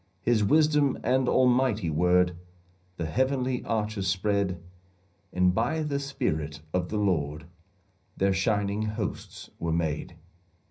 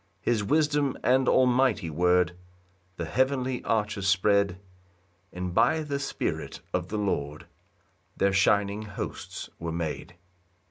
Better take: second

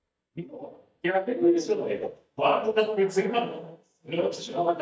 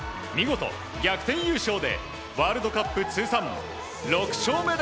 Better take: second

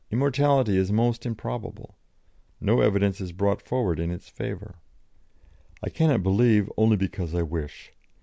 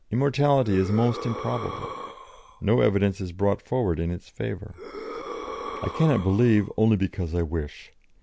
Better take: first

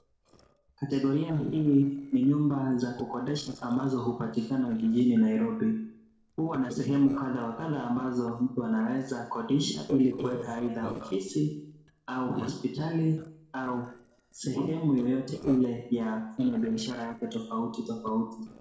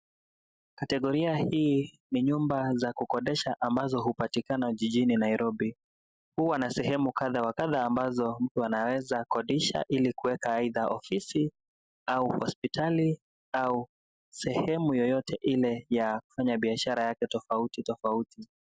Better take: second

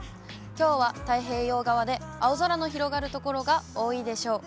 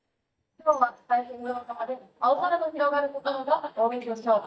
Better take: first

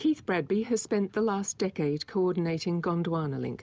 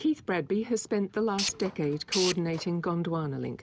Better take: first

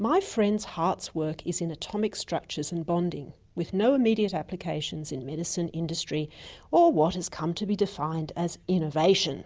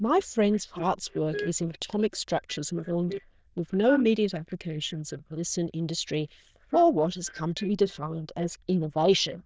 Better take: first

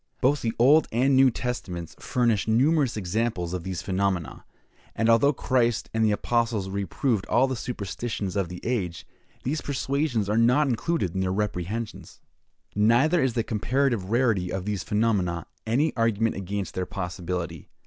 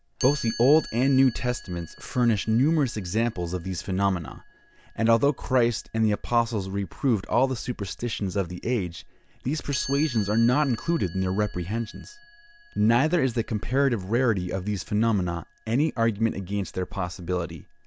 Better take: first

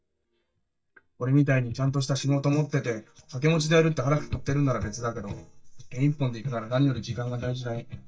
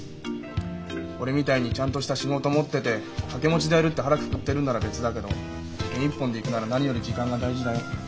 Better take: second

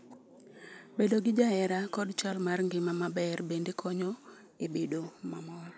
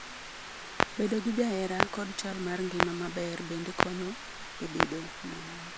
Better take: first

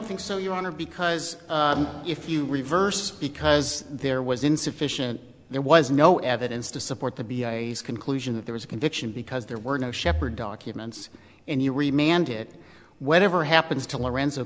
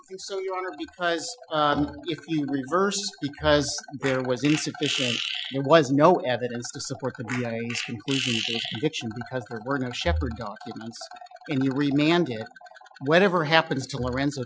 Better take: first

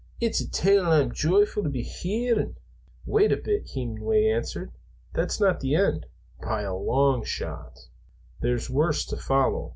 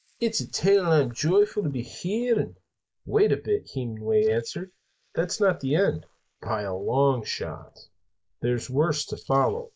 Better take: first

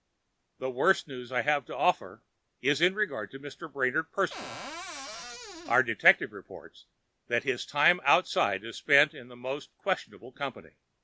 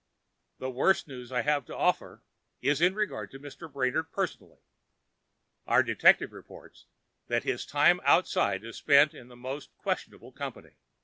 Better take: second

